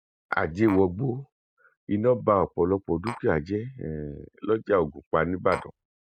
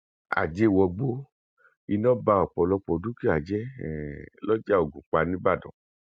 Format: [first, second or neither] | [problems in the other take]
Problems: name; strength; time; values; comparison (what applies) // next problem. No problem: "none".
second | noise reduction (neural mask model Resemble Enhance denoiser)